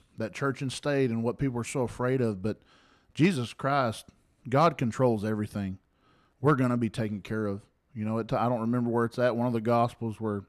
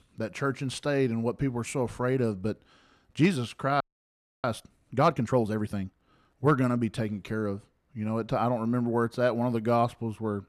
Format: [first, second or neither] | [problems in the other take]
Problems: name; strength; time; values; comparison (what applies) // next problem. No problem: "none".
first | audio freezing; at 4 s for 0.5 s